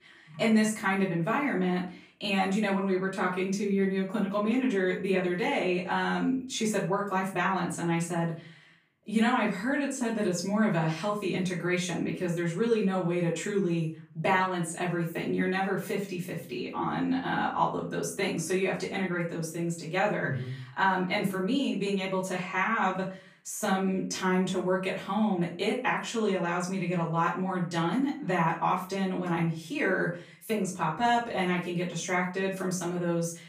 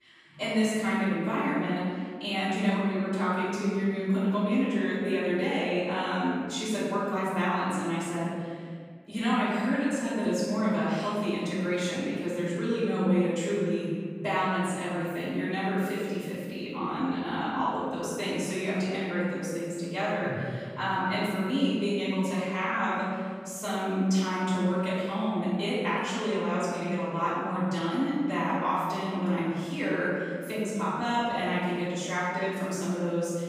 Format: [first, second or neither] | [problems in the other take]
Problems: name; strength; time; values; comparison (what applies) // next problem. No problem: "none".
first | room echo; strong; dies away in 1.8 s; slight in the first // off-mic speech; far; far in the first